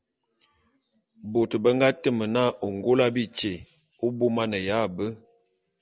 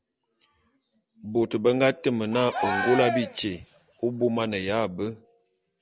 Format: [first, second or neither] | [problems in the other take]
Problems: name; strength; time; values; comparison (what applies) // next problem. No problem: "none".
first | background sound (Cheering); 5 dB below the speech